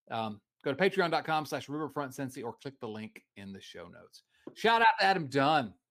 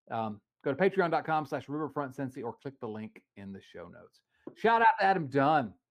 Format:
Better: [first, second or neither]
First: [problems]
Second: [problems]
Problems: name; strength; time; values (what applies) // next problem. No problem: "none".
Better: first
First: none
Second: muffled; slightly; fading above 2.5 kHz